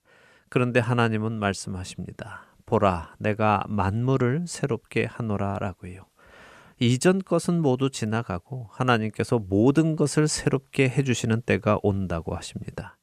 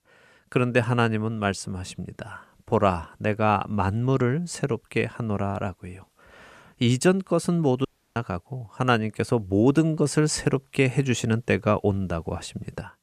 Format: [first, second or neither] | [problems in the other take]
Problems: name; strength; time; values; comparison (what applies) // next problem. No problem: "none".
first | audio cutting out; at 8 s